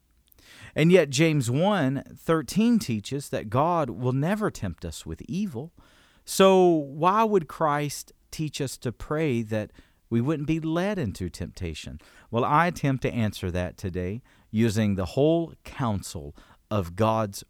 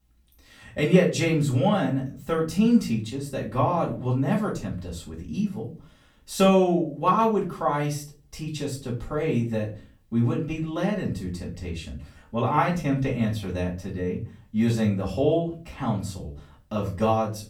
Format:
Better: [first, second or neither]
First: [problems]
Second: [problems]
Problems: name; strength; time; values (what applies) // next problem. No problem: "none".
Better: first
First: none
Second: off-mic speech; far // room echo; slight; dies away in 0.3 s